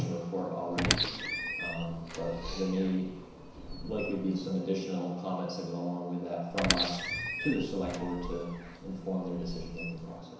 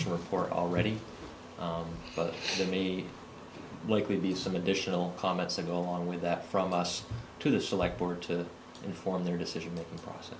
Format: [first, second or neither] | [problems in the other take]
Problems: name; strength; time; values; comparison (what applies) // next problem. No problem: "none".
second | background sound (Squeak); 3 dB below the speech // room echo; dies away in 1 s